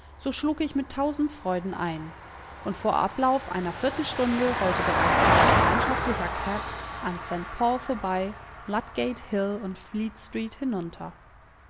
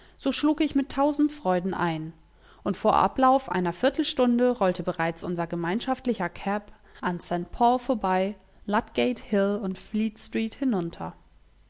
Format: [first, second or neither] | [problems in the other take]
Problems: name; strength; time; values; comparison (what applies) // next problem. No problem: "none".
second | background sound (Vehicle); 1 dB below the speech